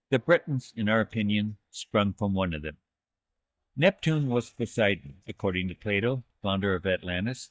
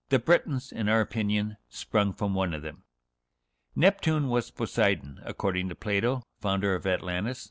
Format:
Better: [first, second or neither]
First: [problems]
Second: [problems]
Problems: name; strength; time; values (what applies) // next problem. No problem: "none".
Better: second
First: noise reduction (neural mask model DeepFilterNet 3)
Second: none